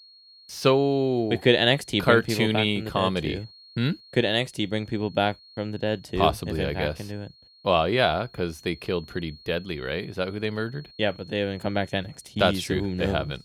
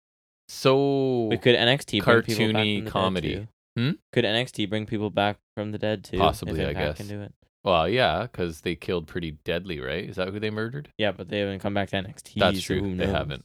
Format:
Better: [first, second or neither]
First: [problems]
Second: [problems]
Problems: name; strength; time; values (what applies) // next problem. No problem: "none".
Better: second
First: high-pitched whine; faint; throughout; 4.5 kHz, 25 dB below the speech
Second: none